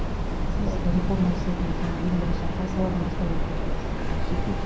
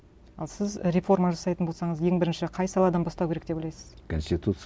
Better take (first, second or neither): second